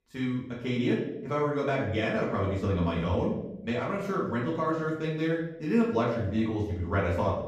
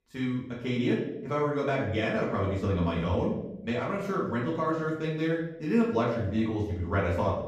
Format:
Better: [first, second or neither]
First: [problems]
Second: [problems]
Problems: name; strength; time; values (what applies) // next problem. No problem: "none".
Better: neither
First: off-mic speech; far // room echo; noticeable; dies away in 0.7 s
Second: off-mic speech; far // room echo; noticeable; dies away in 0.7 s